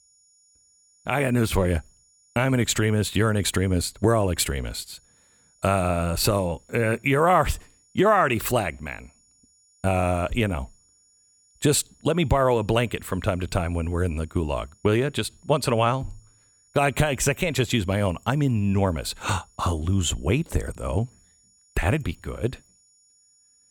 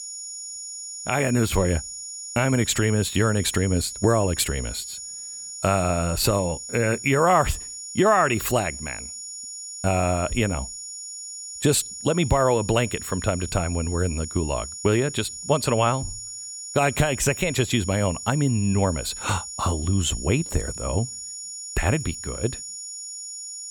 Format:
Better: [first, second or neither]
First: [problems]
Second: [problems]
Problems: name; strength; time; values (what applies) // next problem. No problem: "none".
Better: first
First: high-pitched whine; faint; throughout; 7 kHz, 35 dB below the speech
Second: high-pitched whine; loud; throughout; 7 kHz, 9 dB below the speech